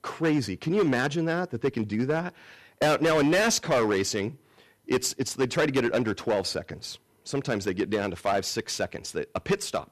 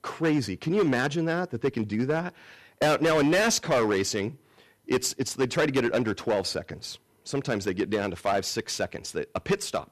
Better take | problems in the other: neither | distortion; heavy; 7% of the sound clipped; the same in both

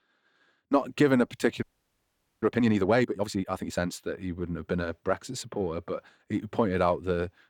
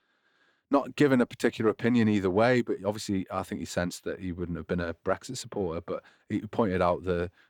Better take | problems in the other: second | audio freezing; at 1.5 s for 1 s

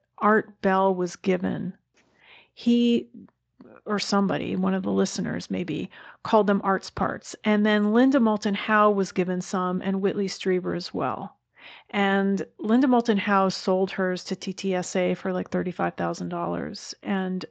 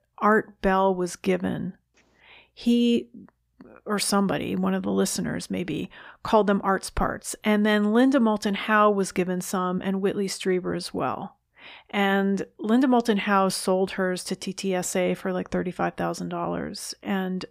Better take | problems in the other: second | garbled, watery; slightly; nothing above 7.5 kHz

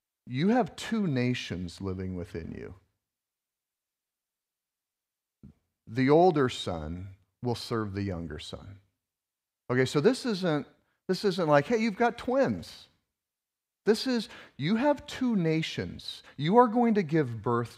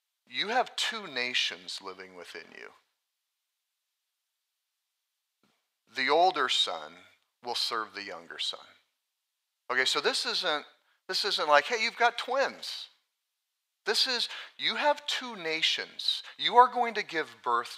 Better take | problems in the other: first | thin; very; fading below 900 Hz

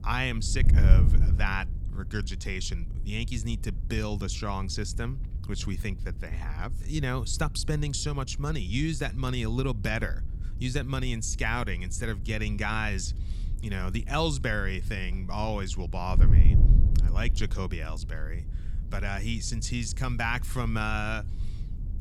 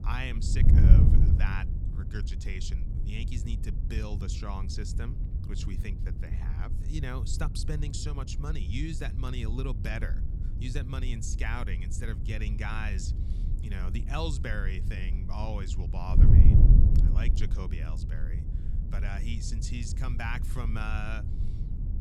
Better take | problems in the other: first | wind noise on the microphone; heavy; 4 dB below the speech; occasional gusts in the first

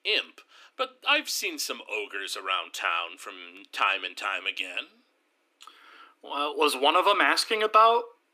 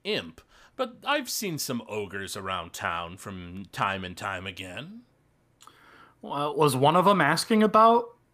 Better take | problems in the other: second | thin; somewhat; fading below 300 Hz

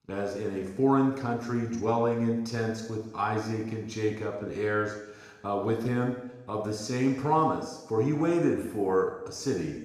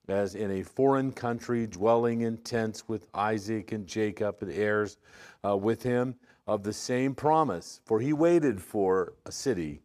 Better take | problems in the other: second | room echo; noticeable; dies away in 1 s // off-mic speech; somewhat distant

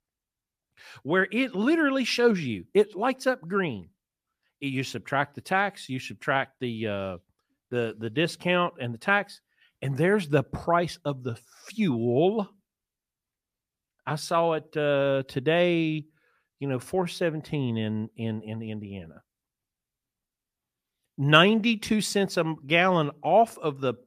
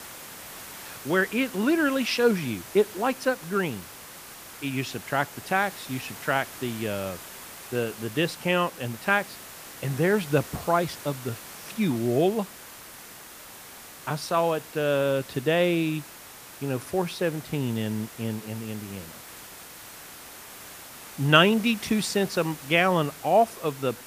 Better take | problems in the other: first | hiss; noticeable; throughout; 15 dB below the speech

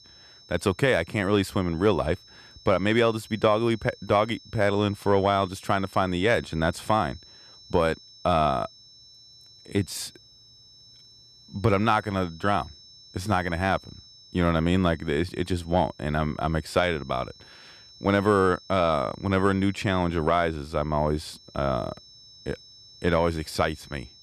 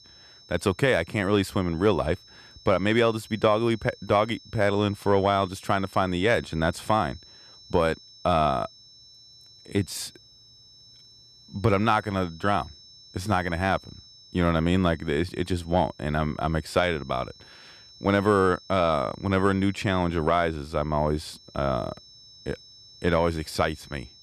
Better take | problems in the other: neither | high-pitched whine; faint; throughout; 5.5 kHz, 25 dB below the speech; the same in both

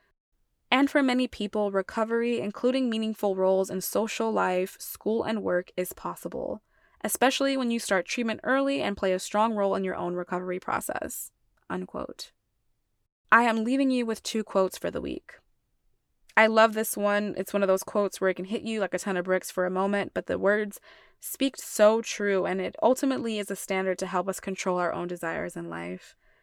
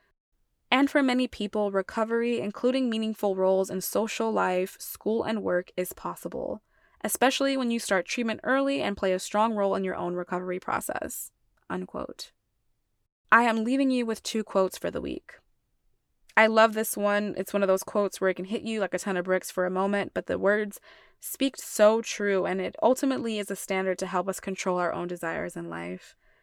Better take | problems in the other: neither | none

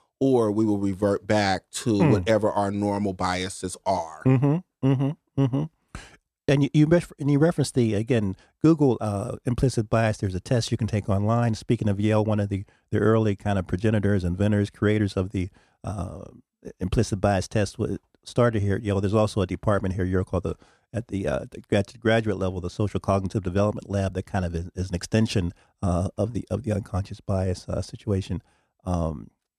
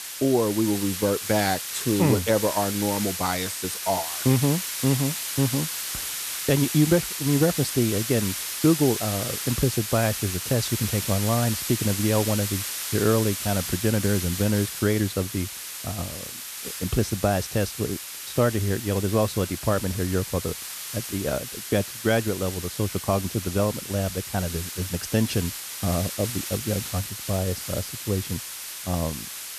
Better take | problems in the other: first | hiss; loud; throughout; 5 dB below the speech

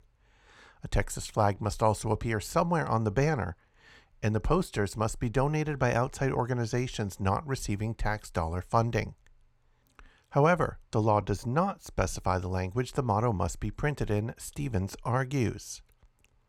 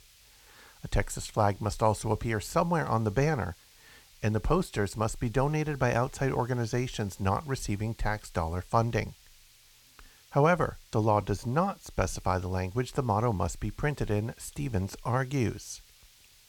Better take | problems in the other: first | hiss; faint; throughout; 25 dB below the speech

